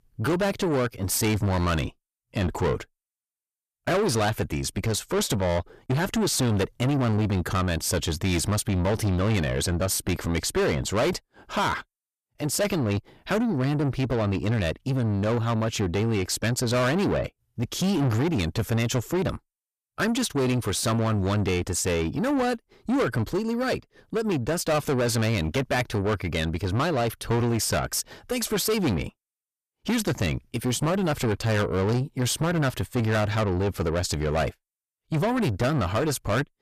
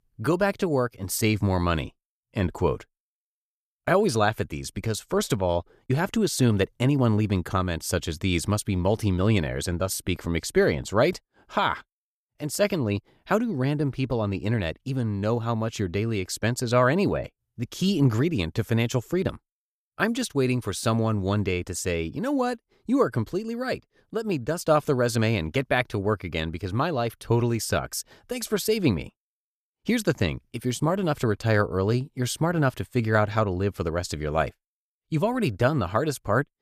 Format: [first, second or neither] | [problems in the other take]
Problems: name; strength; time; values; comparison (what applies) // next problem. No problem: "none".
second | distortion; heavy; 7 dB below the speech